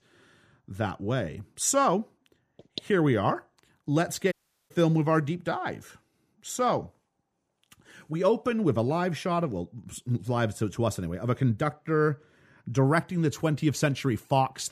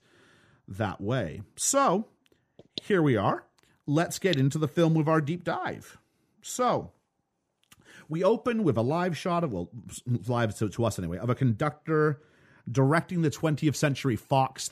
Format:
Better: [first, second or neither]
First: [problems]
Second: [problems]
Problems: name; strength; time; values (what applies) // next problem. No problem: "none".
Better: second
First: audio cutting out; at 4.5 s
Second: none